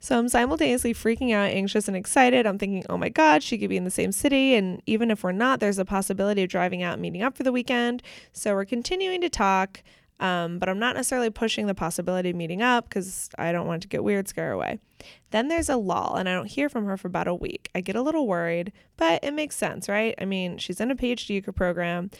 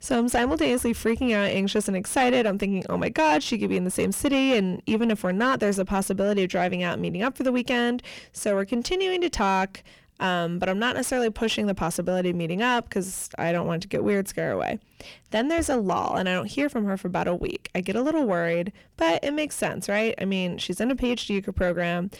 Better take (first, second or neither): first